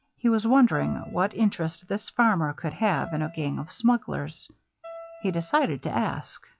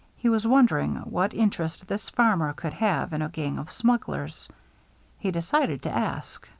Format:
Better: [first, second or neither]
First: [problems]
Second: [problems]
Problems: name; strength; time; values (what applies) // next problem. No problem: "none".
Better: second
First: noise reduction (classical method log-MMSE)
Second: none